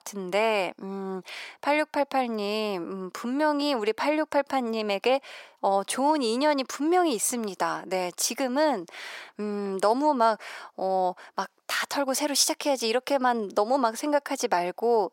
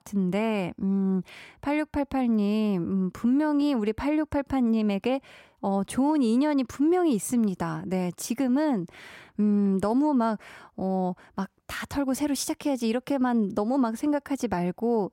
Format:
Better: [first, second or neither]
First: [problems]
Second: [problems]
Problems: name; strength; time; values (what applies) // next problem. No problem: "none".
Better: second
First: thin; somewhat; fading below 600 Hz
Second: none